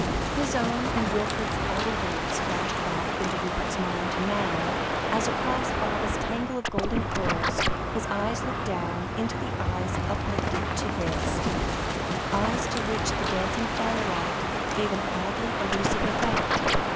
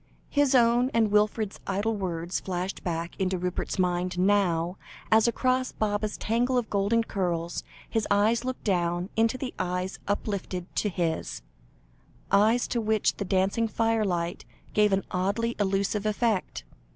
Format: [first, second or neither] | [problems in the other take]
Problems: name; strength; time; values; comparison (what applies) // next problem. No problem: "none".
second | background sound (Scratching (performance technique) + Crow); 5 dB above the speech